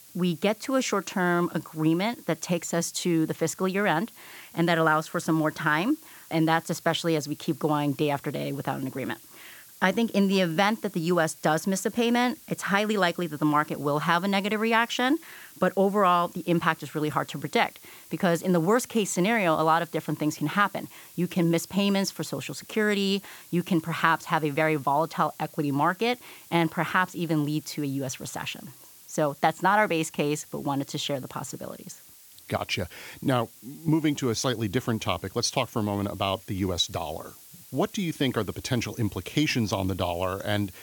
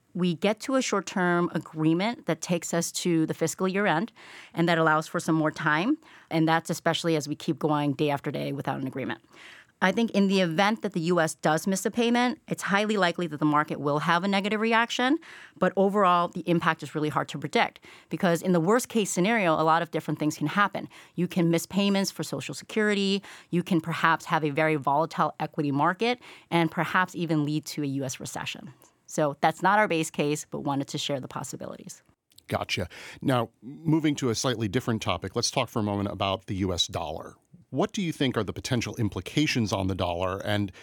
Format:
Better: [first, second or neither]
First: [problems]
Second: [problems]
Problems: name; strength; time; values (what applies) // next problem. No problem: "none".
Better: second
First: hiss; faint; throughout; 20 dB below the speech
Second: none